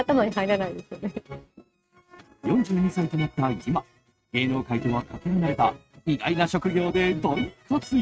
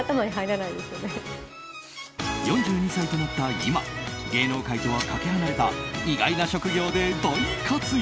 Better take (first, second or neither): second